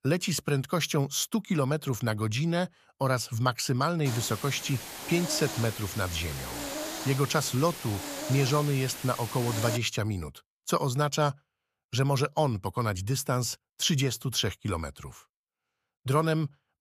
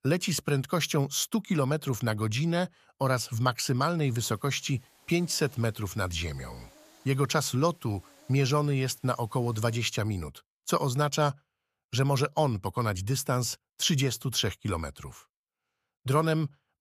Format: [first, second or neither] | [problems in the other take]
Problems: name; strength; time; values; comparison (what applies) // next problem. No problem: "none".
second | hiss; loud; from 4 to 10 s; 8 dB below the speech; faint in the second